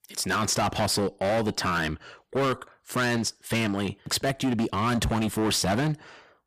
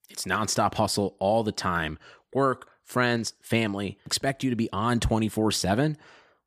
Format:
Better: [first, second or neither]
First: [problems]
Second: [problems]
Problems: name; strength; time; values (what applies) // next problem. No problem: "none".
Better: second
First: distortion; heavy; 17% of the sound clipped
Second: none